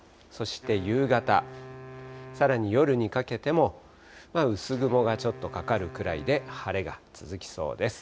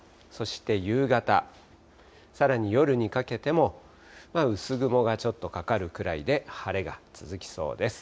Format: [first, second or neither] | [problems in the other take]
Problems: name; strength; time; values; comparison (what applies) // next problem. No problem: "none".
second | background sound (Wind instrument, woodwind instrument); 18 dB below the speech